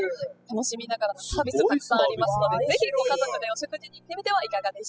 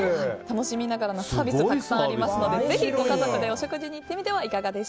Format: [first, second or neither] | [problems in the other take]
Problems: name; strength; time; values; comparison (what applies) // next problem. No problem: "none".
second | noise reduction (classical method spectral subtraction)